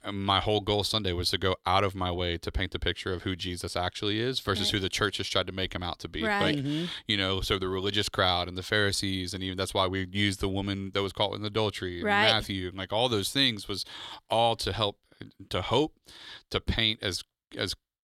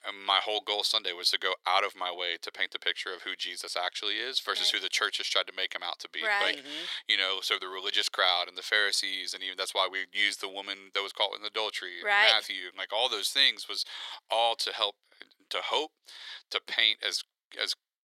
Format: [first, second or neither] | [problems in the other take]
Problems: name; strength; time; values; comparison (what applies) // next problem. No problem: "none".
first | thin; very; fading below 550 Hz